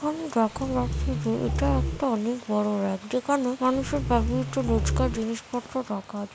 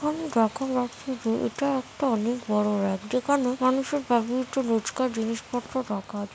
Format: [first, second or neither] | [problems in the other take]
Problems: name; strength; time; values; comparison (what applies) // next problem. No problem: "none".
second | background sound (Growling); 1 dB below the speech